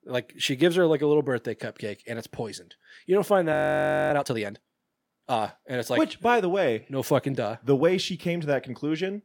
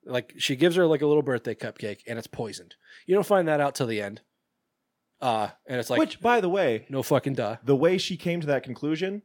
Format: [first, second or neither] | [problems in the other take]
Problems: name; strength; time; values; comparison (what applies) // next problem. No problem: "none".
second | audio freezing; at 3.5 s for 0.5 s